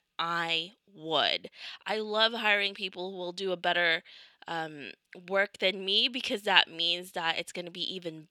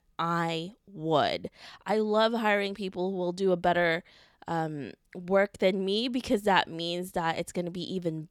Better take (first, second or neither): second